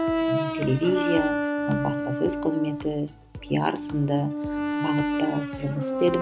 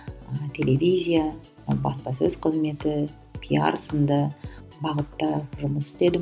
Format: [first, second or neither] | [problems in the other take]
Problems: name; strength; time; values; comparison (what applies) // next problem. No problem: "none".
second | background sound (Brass instrument); 1 dB below the speech